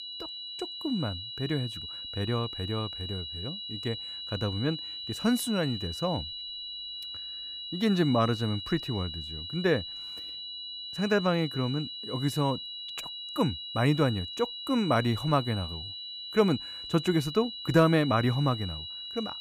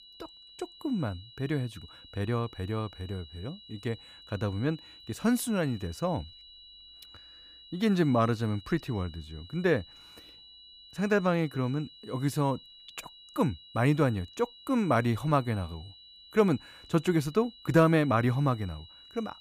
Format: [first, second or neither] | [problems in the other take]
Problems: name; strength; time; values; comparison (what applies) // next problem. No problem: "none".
second | high-pitched whine; loud; throughout; 4 kHz, 7 dB below the speech; faint in the second